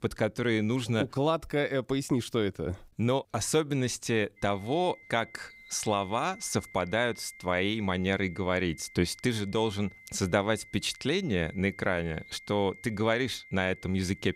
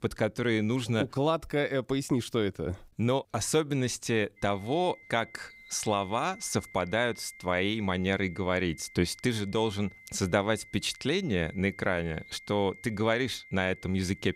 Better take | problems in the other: neither | high-pitched whine; noticeable; from 4.5 s on; 2 kHz, 20 dB below the speech; the same in both

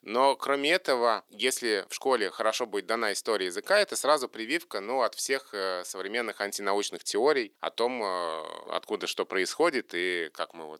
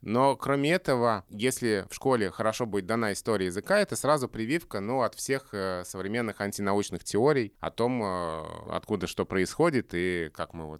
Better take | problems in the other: second | thin; somewhat; fading below 350 Hz

